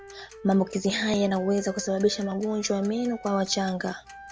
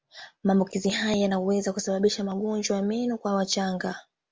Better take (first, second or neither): second